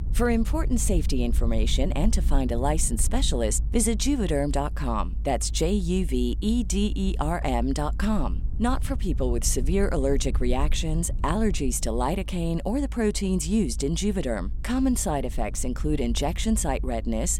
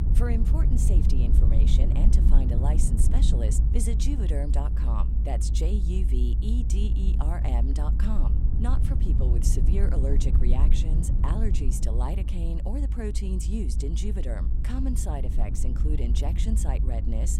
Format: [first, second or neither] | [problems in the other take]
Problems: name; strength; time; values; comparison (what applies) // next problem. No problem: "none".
first | low rumble; loud; throughout; 4 dB below the speech; faint in the first